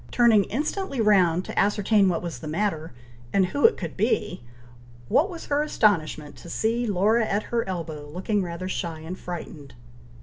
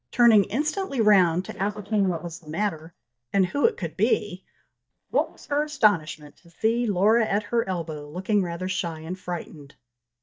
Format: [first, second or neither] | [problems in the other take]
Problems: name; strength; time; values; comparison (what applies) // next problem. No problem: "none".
first | noise reduction (neural mask model DeepFilterNet 3)